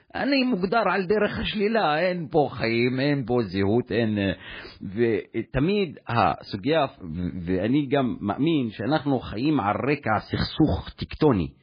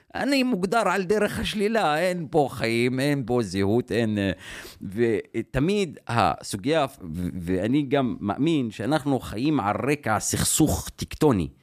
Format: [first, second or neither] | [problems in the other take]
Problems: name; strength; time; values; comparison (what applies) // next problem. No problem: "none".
second | garbled, watery; badly; nothing above 4.5 kHz